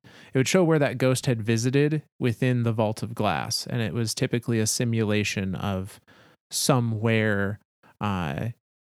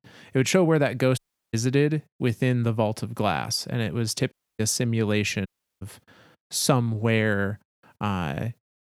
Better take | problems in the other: first | audio cutting out; at 1 s, at 4.5 s and at 5.5 s

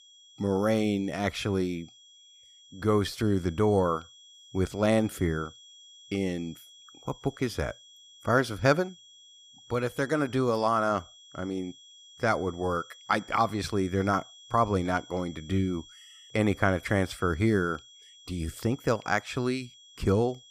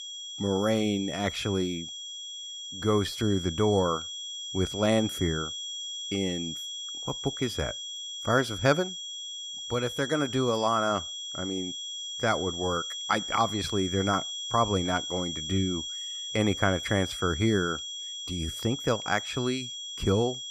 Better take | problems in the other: first | high-pitched whine; loud; throughout; 3.5 kHz, 5 dB below the speech; faint in the first

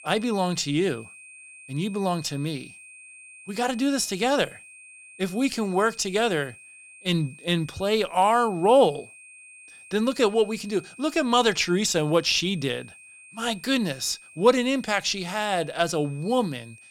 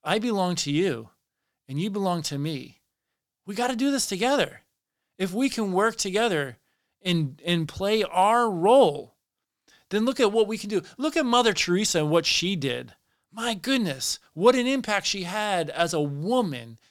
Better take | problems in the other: second | high-pitched whine; faint; throughout; 2.5 kHz, 20 dB below the speech

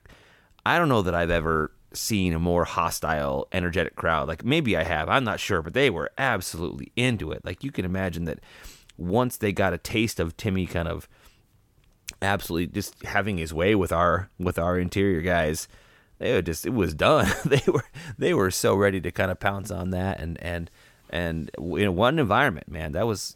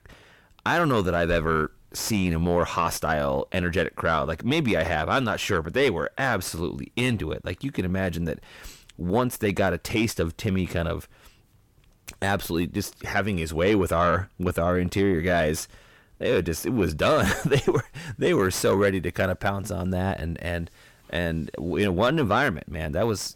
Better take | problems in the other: first | distortion; slight; 10 dB below the speech

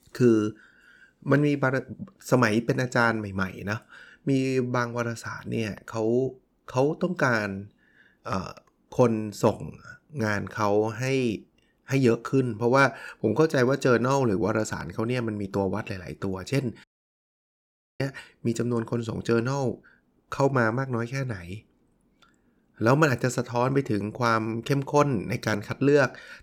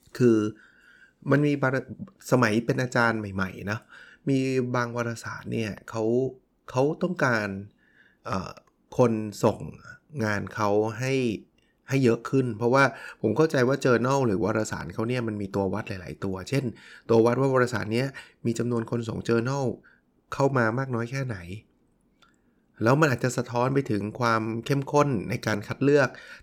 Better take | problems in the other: second | audio cutting out; at 17 s for 1 s

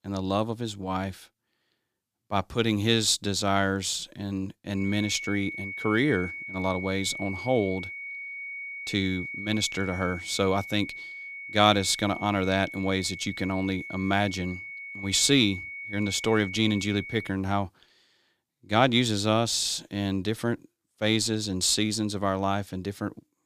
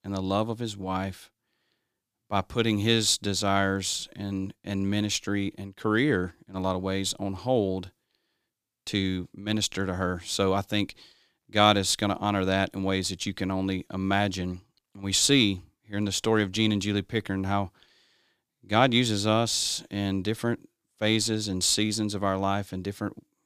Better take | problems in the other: second | high-pitched whine; loud; from 5 to 17 s; 2 kHz, 9 dB below the speech

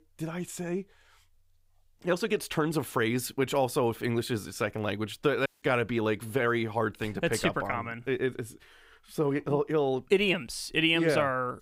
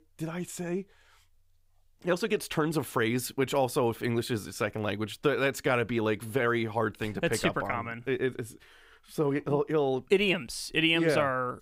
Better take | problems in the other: second | audio cutting out; at 5.5 s

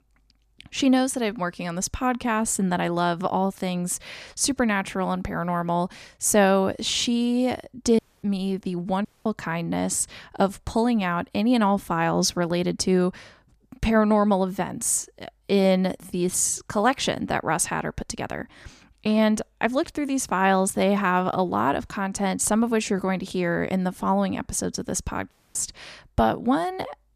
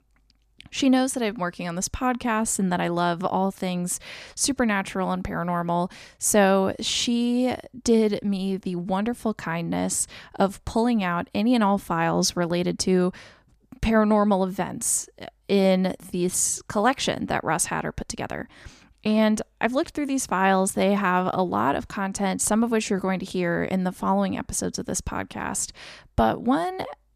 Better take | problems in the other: second | audio cutting out; at 8 s, at 9 s and at 25 s

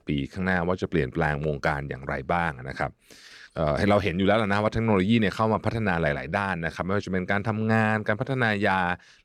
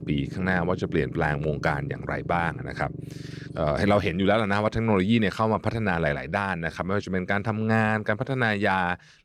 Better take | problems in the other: first | low rumble; noticeable; throughout; 20 dB below the speech

